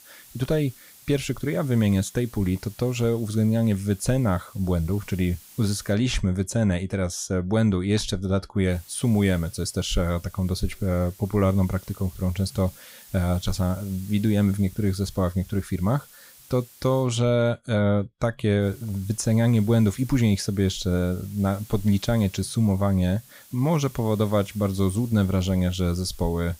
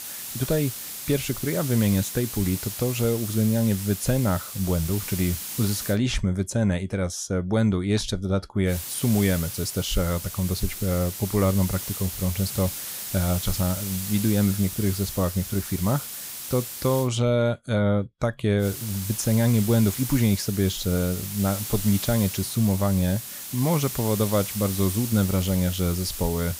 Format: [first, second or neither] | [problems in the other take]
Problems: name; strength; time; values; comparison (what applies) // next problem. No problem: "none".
first | hiss; loud; until 6 s, from 8.5 to 17 s and from 19 s on; 7 dB below the speech; faint in the first